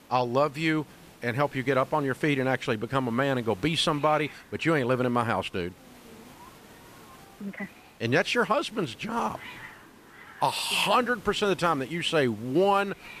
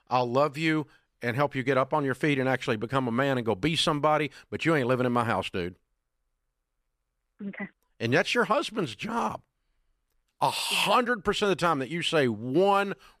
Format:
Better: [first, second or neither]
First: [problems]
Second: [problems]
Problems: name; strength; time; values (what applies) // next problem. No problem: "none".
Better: second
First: hiss; faint; throughout; 20 dB below the speech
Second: none